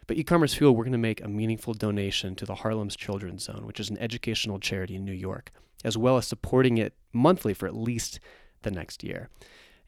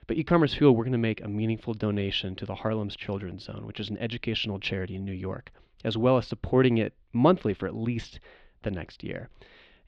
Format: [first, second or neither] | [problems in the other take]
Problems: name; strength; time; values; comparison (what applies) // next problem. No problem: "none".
first | muffled; slightly; fading above 3.5 kHz